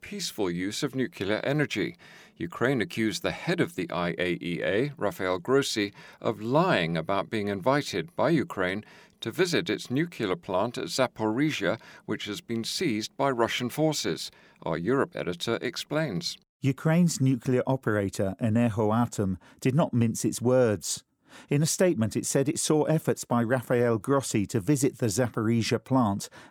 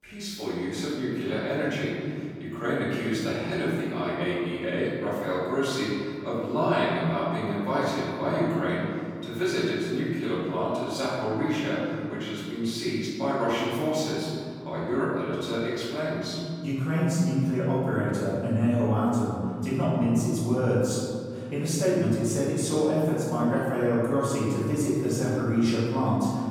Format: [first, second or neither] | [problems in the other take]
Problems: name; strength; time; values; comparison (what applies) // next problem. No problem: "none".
first | room echo; strong; dies away in 2.3 s // off-mic speech; far